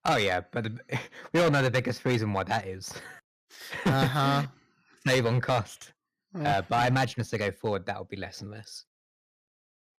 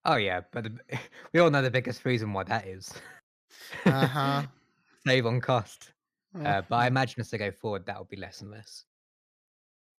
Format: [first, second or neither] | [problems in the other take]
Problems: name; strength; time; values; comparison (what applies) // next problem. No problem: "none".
second | distortion; heavy; 5% of the sound clipped